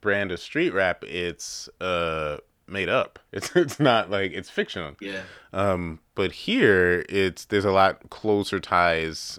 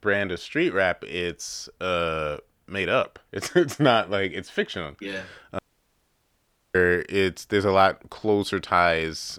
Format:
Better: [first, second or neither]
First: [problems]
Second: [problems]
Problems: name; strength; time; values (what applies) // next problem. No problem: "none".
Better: first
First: none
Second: audio cutting out; at 5.5 s for 1 s